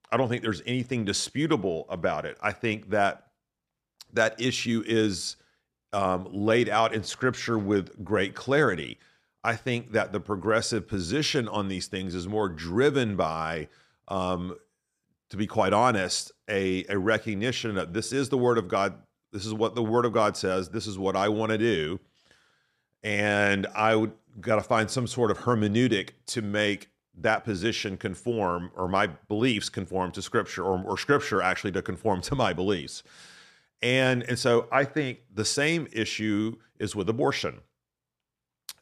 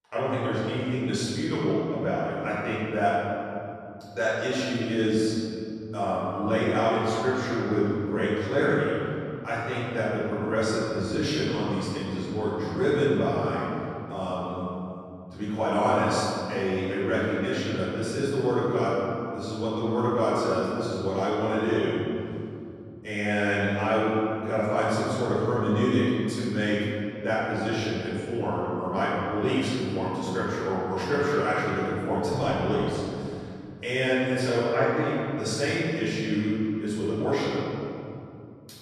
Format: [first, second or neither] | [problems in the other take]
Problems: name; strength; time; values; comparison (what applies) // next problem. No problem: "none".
first | room echo; strong; dies away in 2.9 s // off-mic speech; far